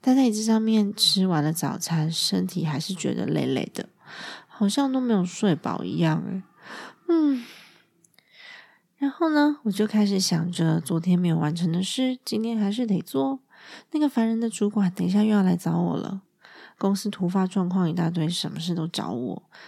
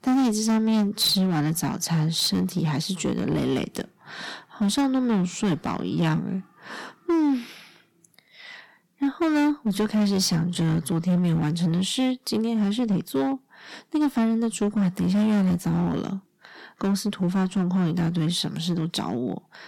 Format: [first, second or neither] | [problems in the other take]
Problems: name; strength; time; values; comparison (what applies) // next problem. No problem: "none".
first | distortion; slight; 12% of the sound clipped